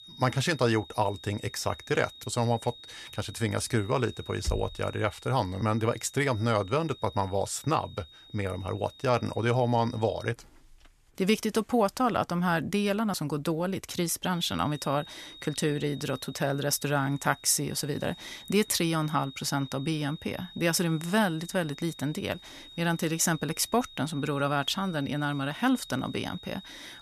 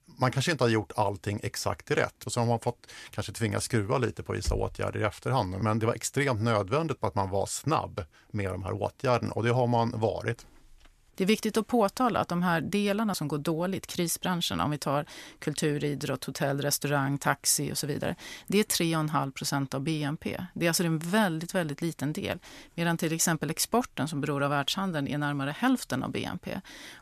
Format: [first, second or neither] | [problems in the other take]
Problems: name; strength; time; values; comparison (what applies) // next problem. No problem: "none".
second | high-pitched whine; noticeable; until 10 s and from 14 s on; 3.5 kHz, 20 dB below the speech